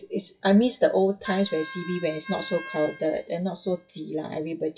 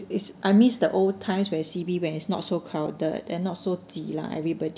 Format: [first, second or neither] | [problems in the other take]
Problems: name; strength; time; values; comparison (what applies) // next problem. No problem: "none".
second | noise reduction (classical method WPE with log-MMSE)